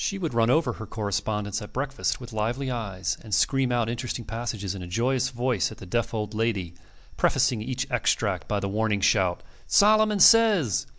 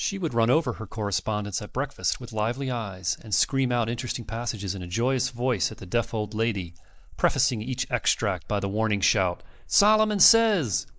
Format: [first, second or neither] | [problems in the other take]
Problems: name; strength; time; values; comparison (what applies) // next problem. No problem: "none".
first | noise reduction (neural mask model Resemble Enhance denoiser)